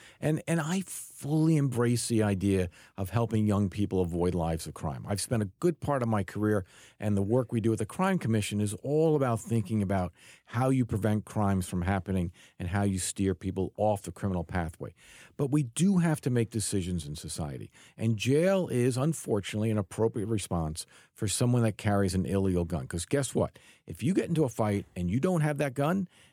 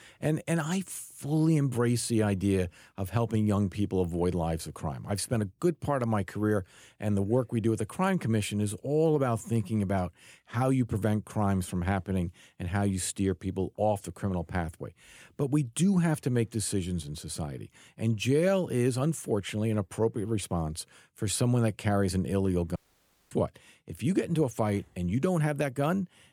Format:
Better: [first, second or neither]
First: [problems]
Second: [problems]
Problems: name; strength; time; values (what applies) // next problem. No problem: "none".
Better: first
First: none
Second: audio cutting out; at 23 s for 0.5 s